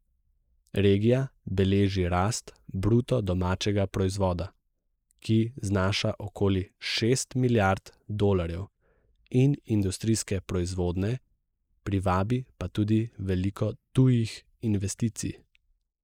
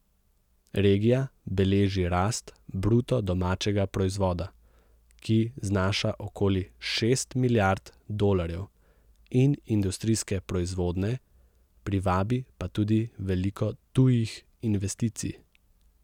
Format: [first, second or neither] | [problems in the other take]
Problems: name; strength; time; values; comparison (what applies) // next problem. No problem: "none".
second | noise reduction (neural mask model Resemble Enhance denoiser)